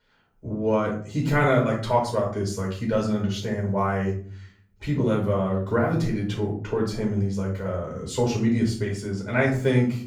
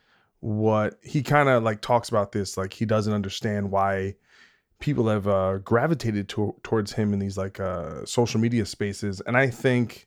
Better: second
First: off-mic speech; far // room echo; noticeable; dies away in 0.5 s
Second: none

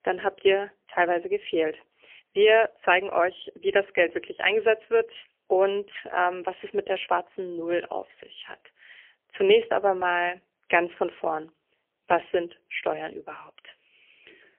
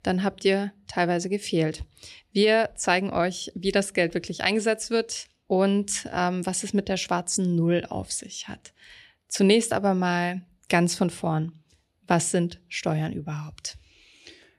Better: second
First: phone-call audio; poor line; nothing above 3 kHz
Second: none

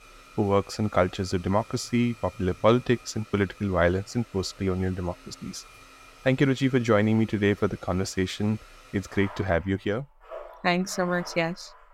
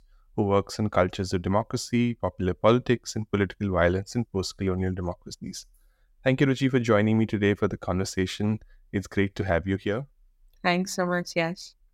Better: second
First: household noises; faint; throughout; 20 dB below the speech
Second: none

